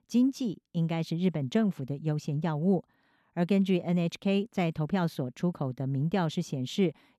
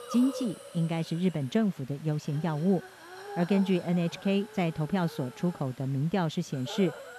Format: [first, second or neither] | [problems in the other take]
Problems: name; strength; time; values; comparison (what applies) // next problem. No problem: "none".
first | hiss; noticeable; throughout; 15 dB below the speech